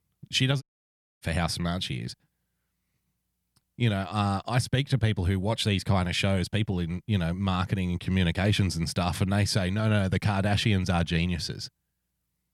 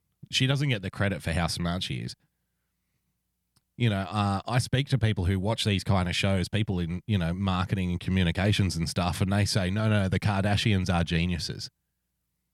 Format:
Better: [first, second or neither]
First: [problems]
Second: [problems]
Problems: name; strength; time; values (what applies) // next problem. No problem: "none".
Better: second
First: audio cutting out; at 0.5 s for 0.5 s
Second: none